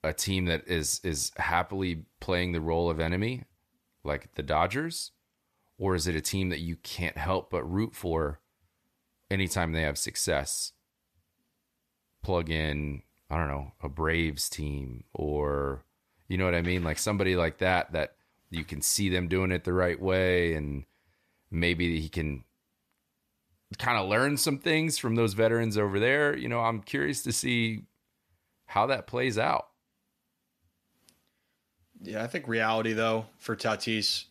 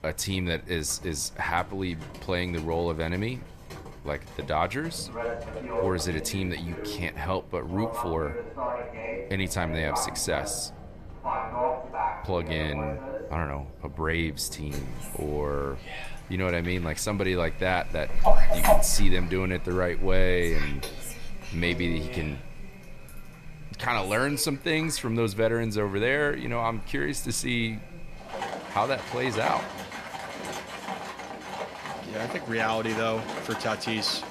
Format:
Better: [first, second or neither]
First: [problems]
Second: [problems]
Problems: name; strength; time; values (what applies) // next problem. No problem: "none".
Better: first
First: none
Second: animal sounds; loud; throughout; 6 dB below the speech